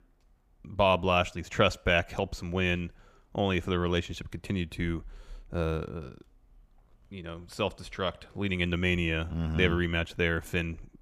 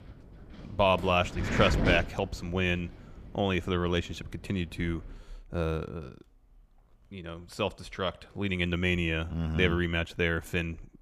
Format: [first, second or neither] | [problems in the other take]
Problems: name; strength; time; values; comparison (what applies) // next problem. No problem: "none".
first | wind noise on the microphone; heavy; until 5 s; 6 dB below the speech